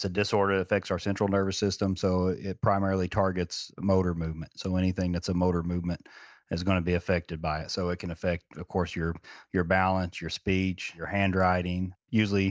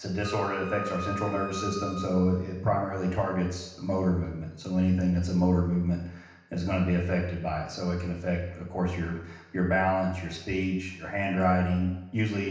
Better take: first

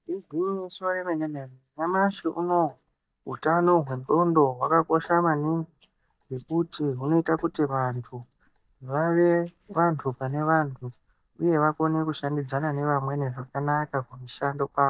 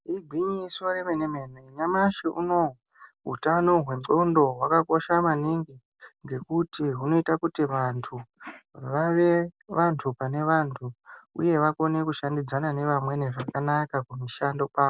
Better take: second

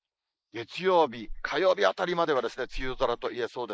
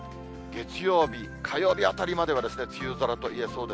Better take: second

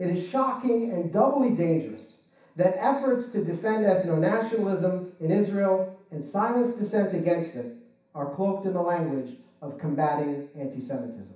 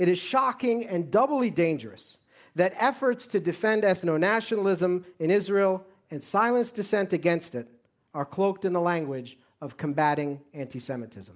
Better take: second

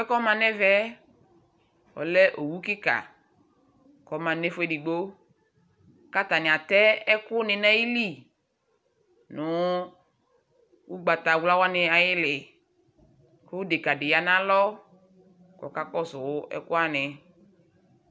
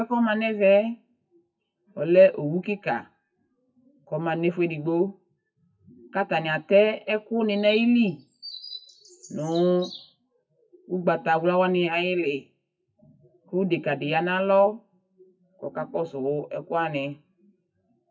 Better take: first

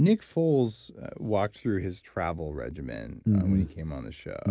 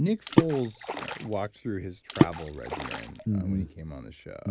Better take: first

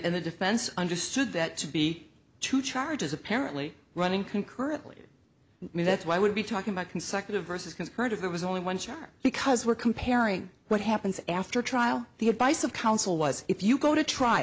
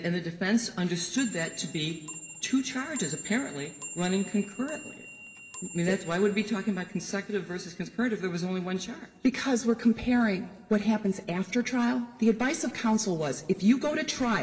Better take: first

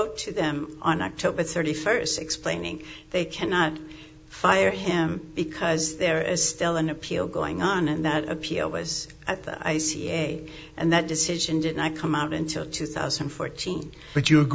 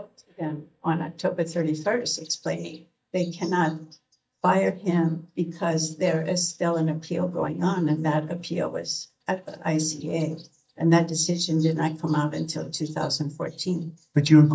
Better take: first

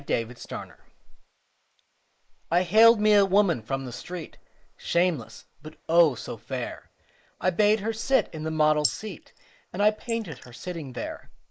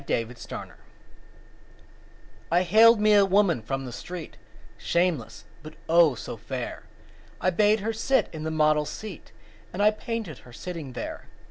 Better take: second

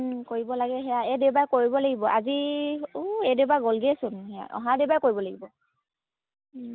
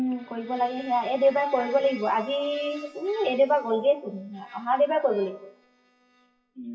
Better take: first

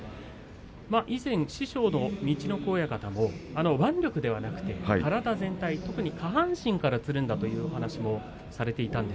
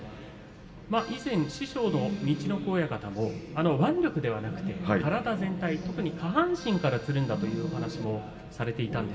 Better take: first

